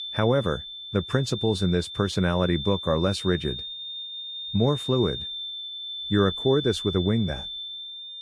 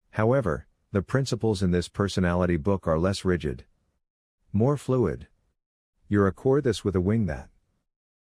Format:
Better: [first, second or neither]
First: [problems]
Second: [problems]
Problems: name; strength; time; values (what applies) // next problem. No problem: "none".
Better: second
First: high-pitched whine; loud; throughout; 3.5 kHz, 8 dB below the speech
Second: none